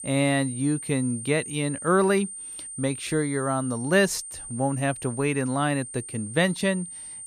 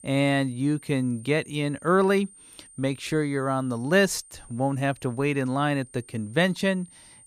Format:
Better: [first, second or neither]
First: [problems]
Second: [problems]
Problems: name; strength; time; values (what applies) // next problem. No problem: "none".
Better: second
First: high-pitched whine; loud; throughout; 9 kHz, 10 dB below the speech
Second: high-pitched whine; faint; throughout; 9 kHz, 25 dB below the speech